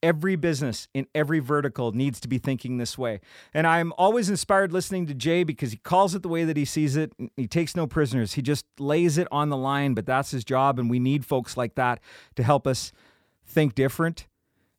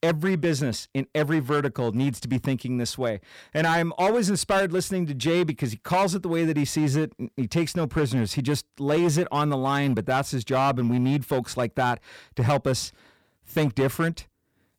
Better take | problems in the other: first | distortion; slight; 8% of the sound clipped

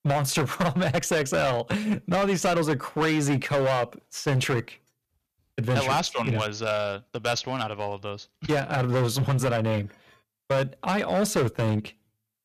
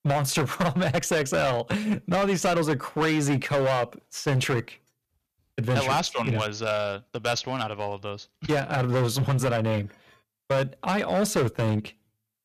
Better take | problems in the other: neither | distortion; heavy; 12% of the sound clipped; the same in both

